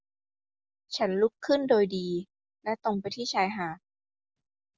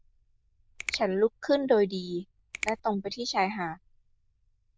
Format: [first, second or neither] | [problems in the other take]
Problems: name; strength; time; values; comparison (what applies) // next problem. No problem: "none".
first | noise reduction (neural diffusion model UNIVERSE++)